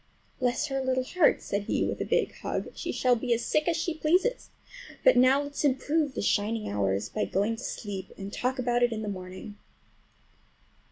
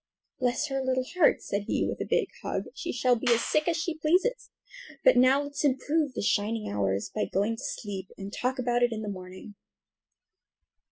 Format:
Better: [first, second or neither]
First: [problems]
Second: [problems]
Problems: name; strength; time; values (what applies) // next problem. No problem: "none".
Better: first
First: none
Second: noise reduction (classical method spectral subtraction)